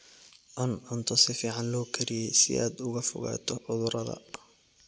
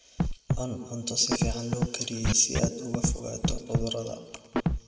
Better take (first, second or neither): first